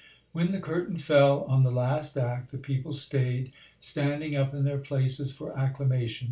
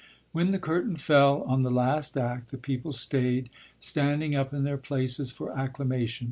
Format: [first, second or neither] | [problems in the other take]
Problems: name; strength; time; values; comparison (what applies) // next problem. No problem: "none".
second | room echo; dies away in 0.3 s